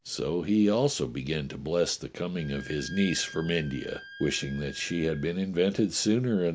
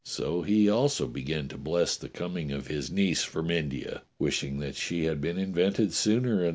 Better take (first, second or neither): second